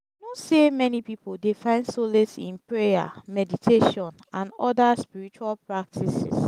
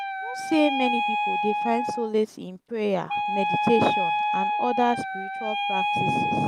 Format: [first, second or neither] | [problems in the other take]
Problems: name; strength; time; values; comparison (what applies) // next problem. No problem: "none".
first | background sound (Wind instrument, woodwind instrument); as loud as the speech